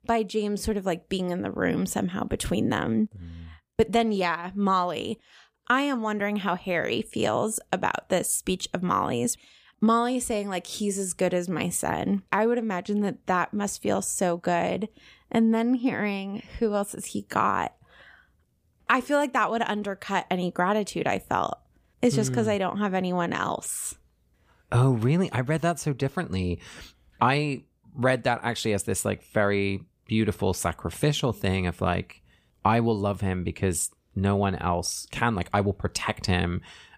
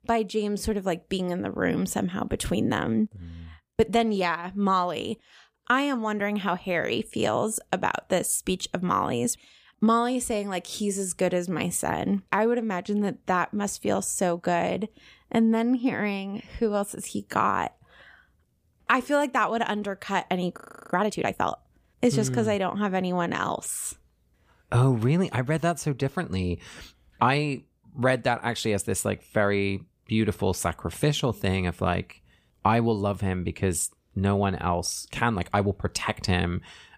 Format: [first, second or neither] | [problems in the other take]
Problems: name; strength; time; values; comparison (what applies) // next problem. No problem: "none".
first | audio freezing; at 21 s